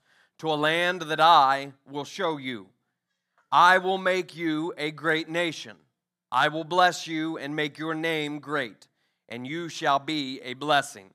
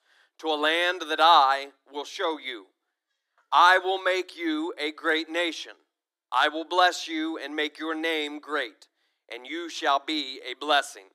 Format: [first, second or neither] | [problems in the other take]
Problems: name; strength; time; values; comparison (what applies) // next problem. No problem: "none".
first | thin; somewhat; fading below 300 Hz